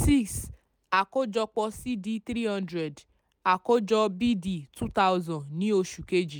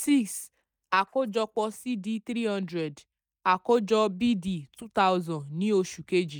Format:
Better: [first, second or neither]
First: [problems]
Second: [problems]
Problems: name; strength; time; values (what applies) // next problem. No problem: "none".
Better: first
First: none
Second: noise reduction (neural mask model DeepFilterNet 3)